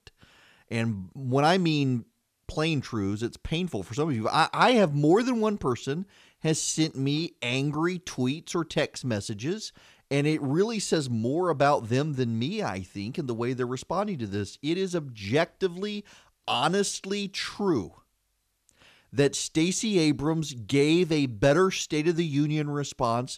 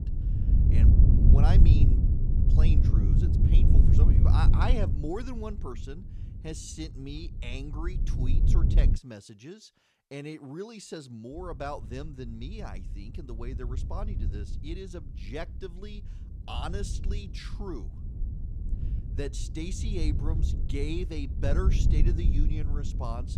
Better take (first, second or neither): first